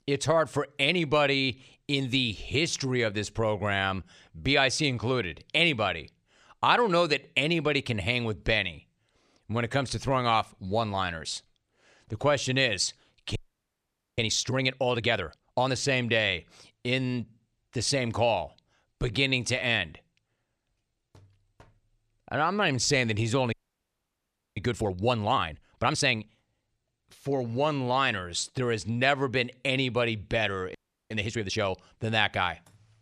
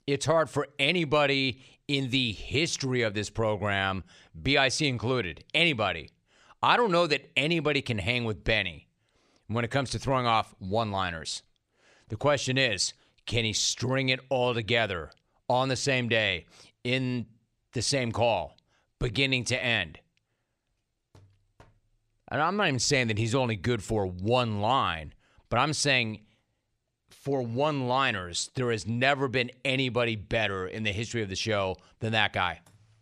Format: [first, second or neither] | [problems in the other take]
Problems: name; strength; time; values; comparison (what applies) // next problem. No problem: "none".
second | audio freezing; at 13 s for 1 s, at 24 s for 1 s and at 31 s